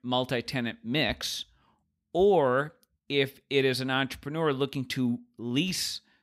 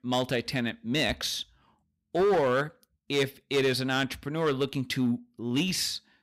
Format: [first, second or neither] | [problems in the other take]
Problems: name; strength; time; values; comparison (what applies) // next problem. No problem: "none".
first | distortion; slight; 6% of the sound clipped